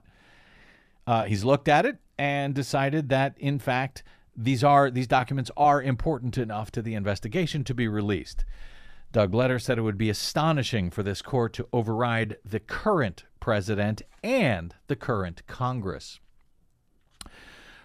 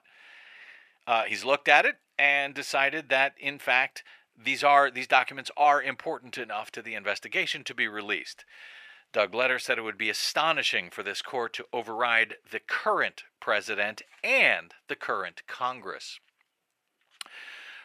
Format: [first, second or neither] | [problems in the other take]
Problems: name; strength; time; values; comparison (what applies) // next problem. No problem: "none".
first | thin; very; fading below 550 Hz